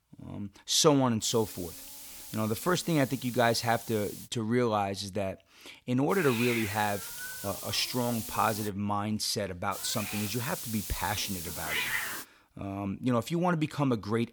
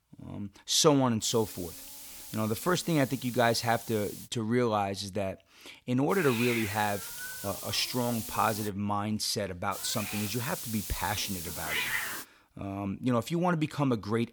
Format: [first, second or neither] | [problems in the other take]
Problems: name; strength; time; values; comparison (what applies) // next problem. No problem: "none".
neither | hiss; loud; from 1 to 4.5 s, from 6 to 8.5 s and from 9.5 to 12 s; 7 dB below the speech; the same in both